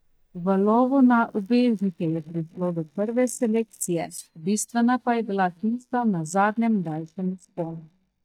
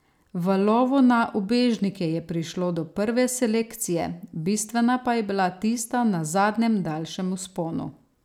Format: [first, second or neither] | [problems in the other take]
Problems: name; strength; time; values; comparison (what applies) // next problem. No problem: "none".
second | noise reduction (neural mask model DeepFilterNet 3)